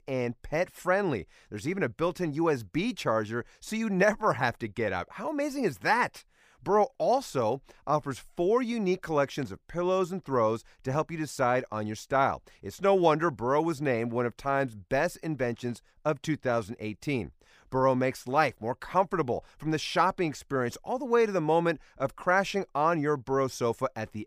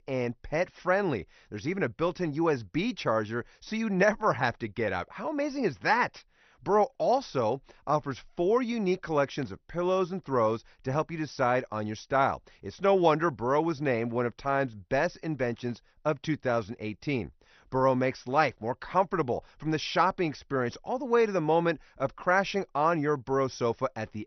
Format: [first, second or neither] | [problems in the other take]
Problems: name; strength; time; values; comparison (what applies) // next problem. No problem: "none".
first | garbled, watery; slightly; nothing above 6 kHz